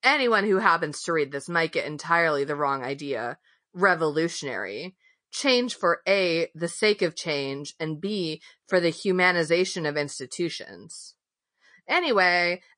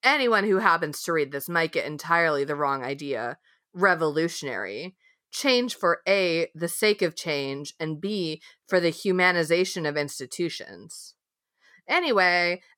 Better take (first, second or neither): second